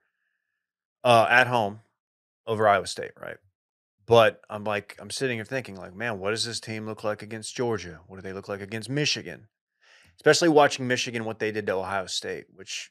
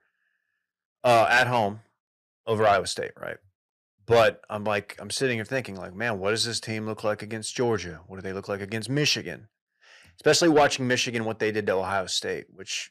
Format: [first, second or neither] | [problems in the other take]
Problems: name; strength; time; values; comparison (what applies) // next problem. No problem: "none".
first | distortion; slight; 10 dB below the speech